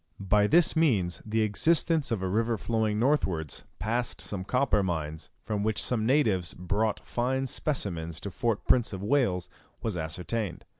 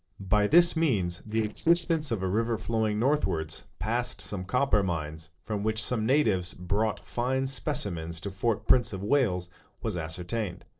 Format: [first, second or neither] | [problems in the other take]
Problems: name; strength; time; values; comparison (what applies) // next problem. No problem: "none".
first | noise reduction (neural separator model SepFormer DNS4)